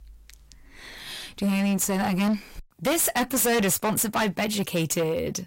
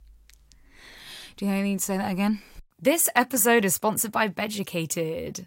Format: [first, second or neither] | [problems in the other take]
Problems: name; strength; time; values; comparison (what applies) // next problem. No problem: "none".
second | distortion; heavy; 16% of the sound clipped